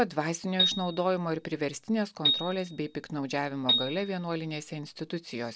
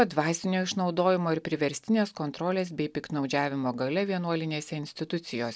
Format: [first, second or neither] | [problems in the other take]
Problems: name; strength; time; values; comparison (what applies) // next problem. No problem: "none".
second | background sound (Piano); 2 dB below the speech